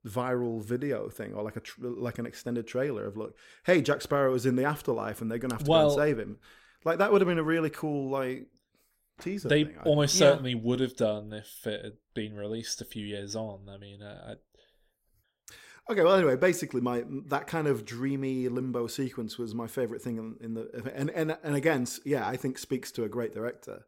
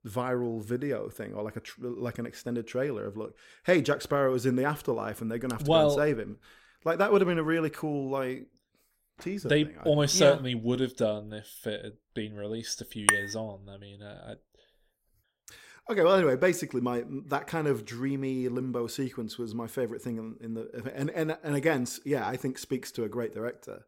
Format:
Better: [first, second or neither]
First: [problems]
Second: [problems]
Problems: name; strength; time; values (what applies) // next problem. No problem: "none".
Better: first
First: none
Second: clattering dishes; loud; at 13 s; peak 5 dB above the speech